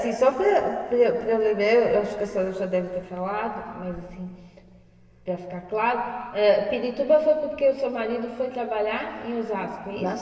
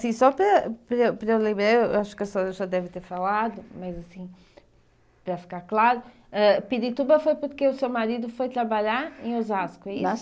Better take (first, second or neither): second